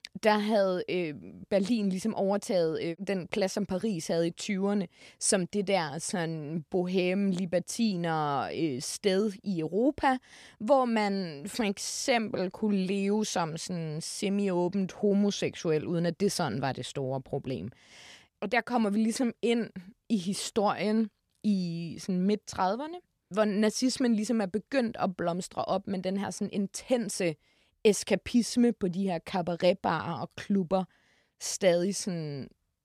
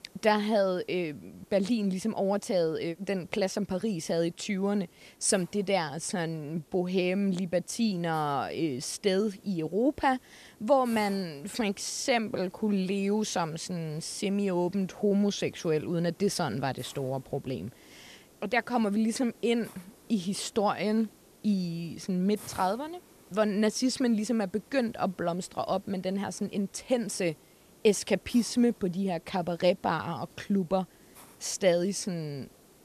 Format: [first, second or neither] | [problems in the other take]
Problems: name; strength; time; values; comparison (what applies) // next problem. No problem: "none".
first | hiss; faint; throughout; 25 dB below the speech